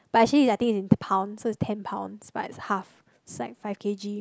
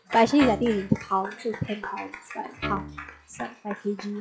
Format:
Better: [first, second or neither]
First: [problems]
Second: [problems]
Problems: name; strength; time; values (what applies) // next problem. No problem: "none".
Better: first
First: none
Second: noise reduction (classical method log-MMSE)